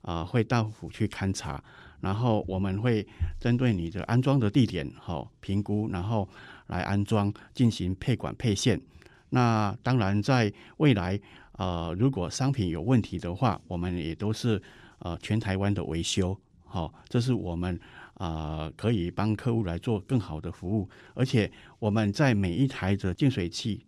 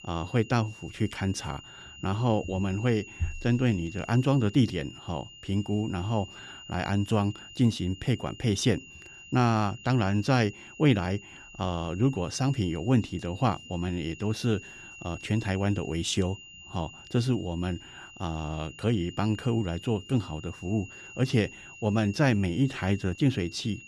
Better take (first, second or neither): first